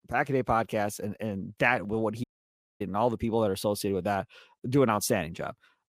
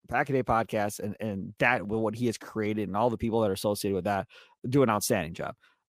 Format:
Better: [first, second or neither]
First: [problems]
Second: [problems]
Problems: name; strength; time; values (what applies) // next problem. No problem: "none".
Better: second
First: audio cutting out; at 2 s for 0.5 s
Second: none